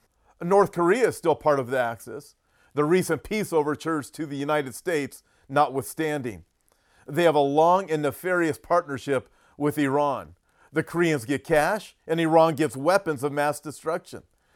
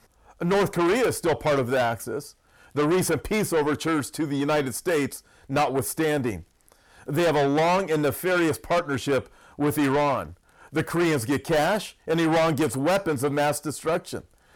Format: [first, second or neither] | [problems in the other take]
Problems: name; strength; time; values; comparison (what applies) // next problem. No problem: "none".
first | distortion; heavy; 6 dB below the speech